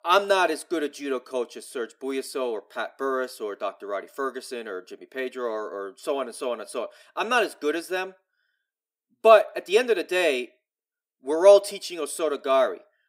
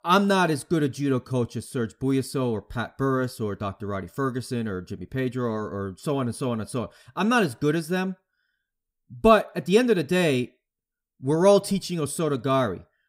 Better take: second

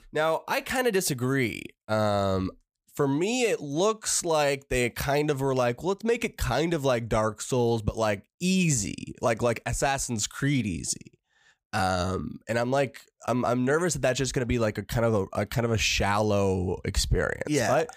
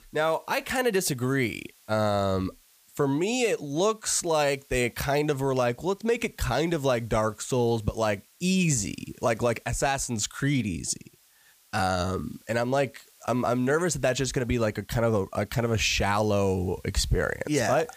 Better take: first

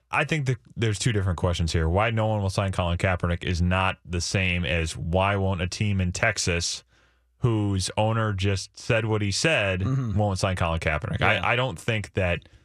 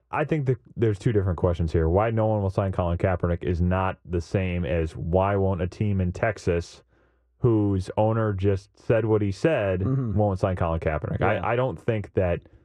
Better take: first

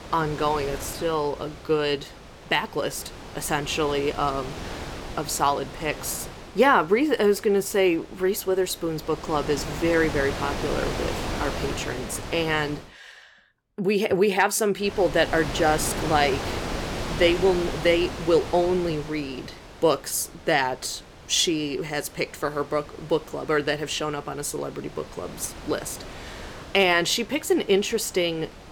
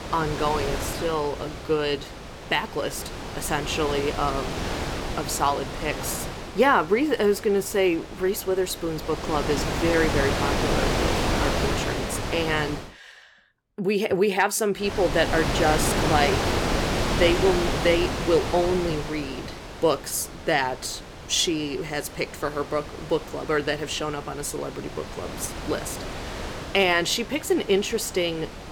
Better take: first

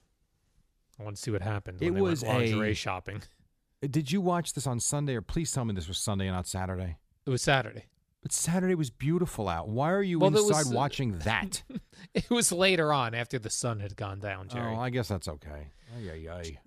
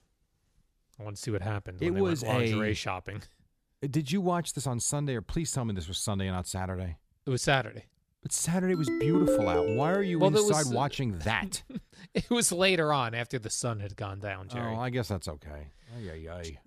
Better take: first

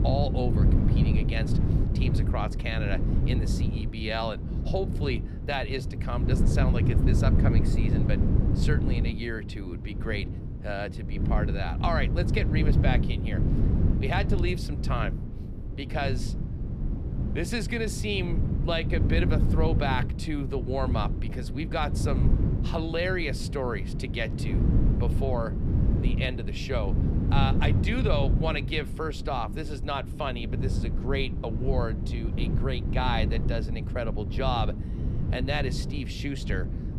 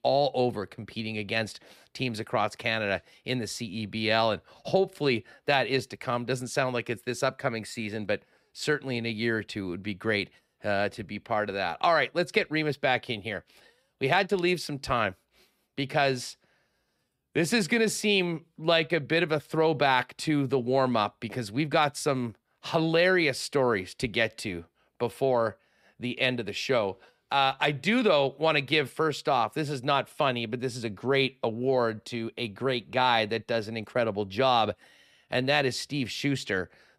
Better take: second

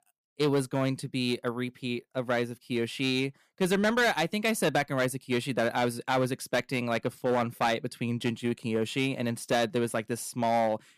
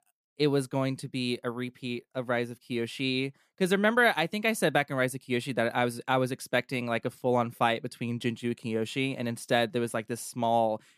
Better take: second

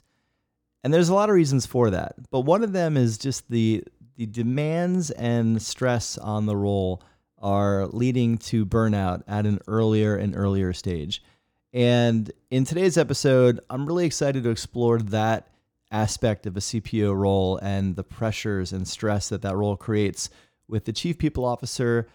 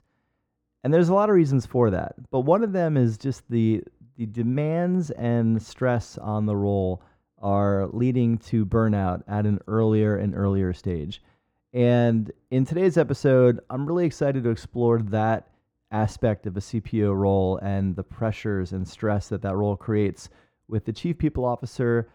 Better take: first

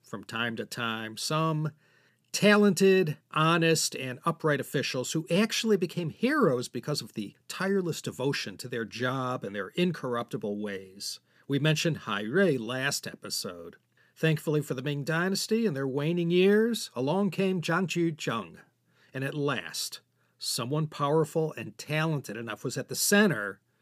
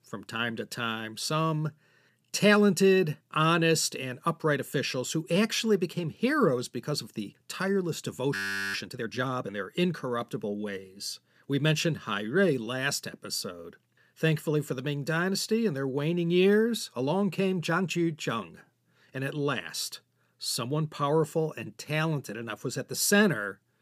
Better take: first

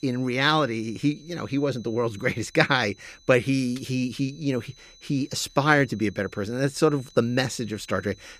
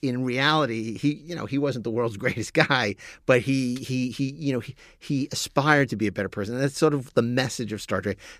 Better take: second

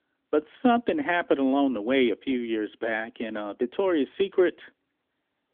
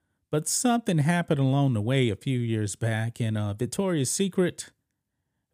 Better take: second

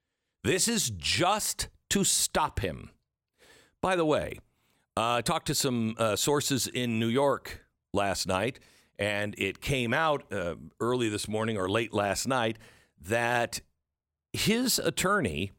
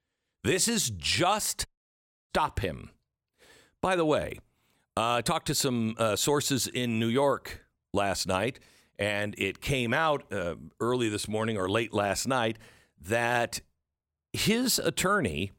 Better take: first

